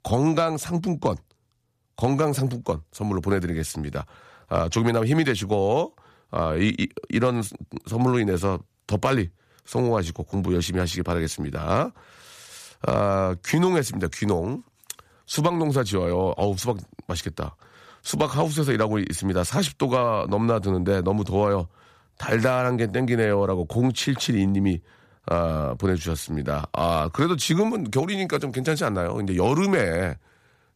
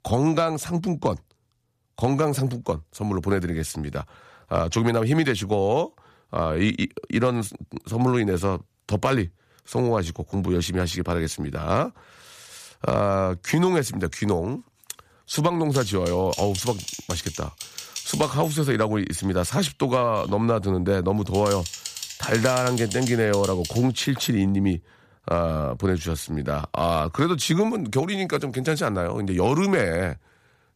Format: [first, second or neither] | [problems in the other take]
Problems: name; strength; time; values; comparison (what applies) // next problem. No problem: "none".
first | keyboard typing; noticeable; from 16 to 24 s; peak 6 dB below the speech